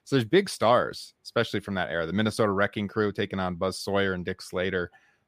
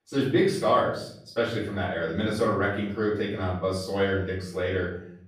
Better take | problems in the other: first | off-mic speech; far // room echo; noticeable; dies away in 0.7 s

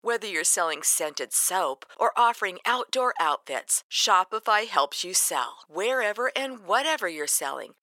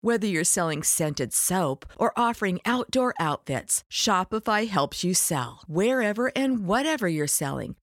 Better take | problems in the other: second | thin; very; fading below 500 Hz

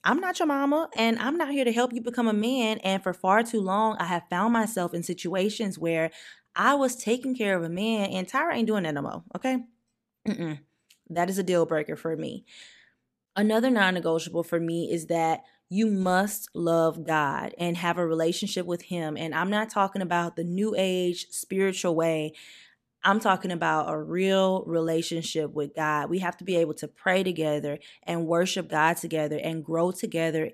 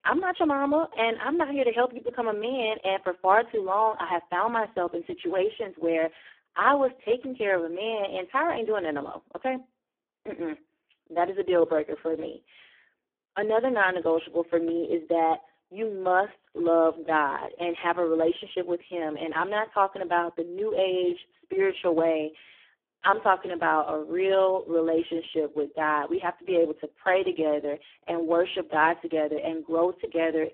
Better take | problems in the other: first | phone-call audio; poor line

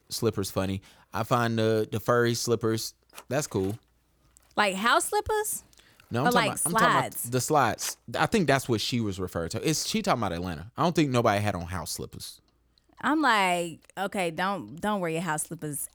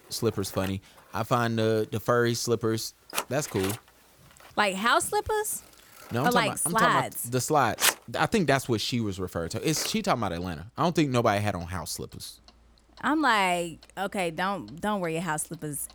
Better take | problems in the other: first | household noises; loud; throughout; 5 dB below the speech; faint in the first

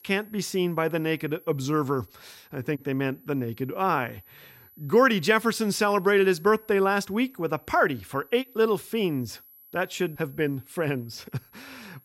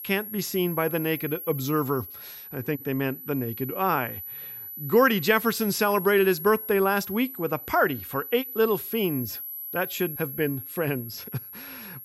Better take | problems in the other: first | high-pitched whine; loud; throughout; 12 kHz, 9 dB below the speech; faint in the first

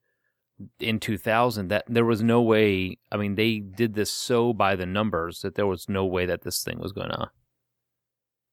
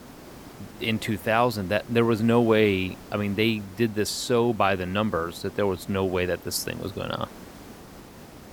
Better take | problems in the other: first | hiss; noticeable; throughout; 20 dB below the speech

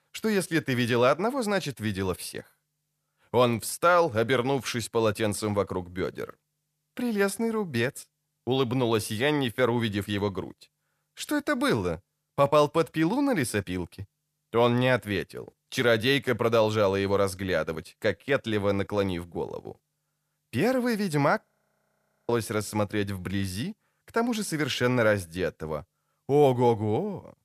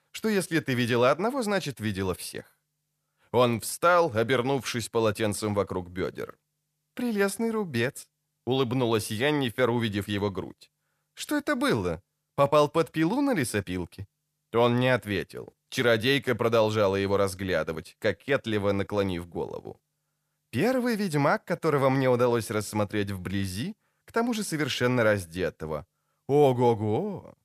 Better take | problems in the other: second | audio freezing; at 21 s for 1 s

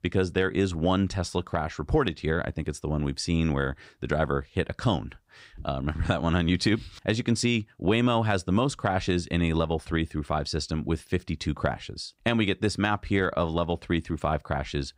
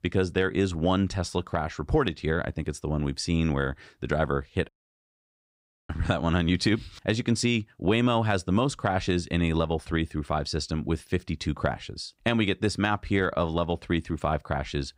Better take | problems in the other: first | audio cutting out; at 4.5 s for 1 s

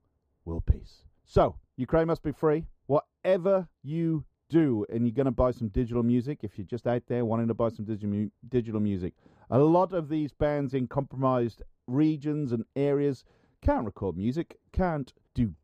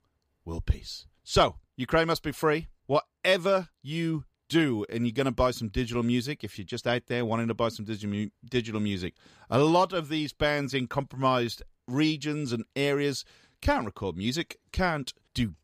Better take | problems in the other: second | muffled; very; fading above 1.5 kHz

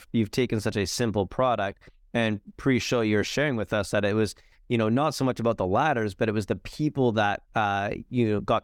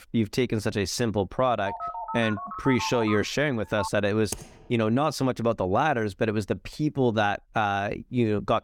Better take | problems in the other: first | phone ringing; noticeable; from 1.5 to 4 s; peak 7 dB below the speech // keyboard typing; faint; at 4.5 s; peak 10 dB below the speech

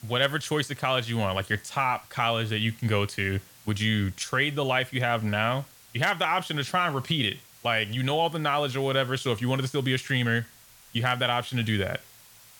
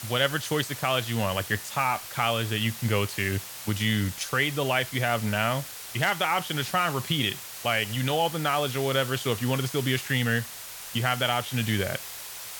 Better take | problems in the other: first | hiss; loud; throughout; 10 dB below the speech; faint in the first

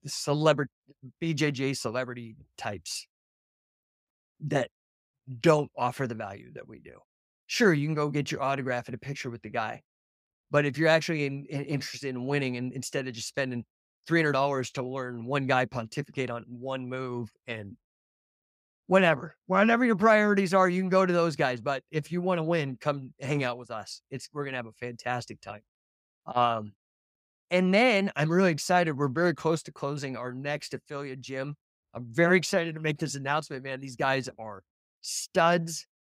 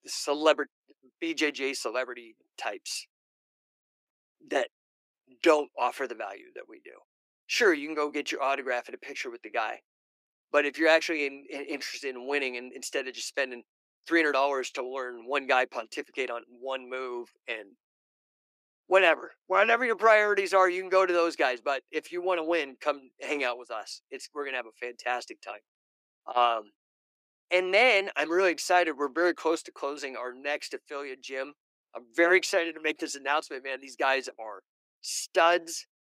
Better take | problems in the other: first | thin; very; fading below 300 Hz

